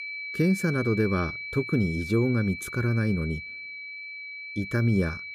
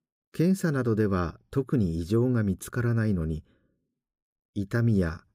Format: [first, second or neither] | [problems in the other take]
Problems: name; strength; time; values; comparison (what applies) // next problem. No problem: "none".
second | high-pitched whine; loud; throughout; 2.5 kHz, 8 dB below the speech